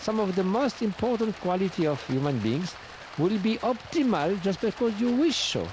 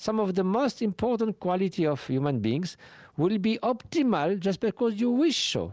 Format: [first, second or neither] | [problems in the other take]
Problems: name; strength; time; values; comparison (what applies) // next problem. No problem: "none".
second | background sound (Stream); 17 dB below the speech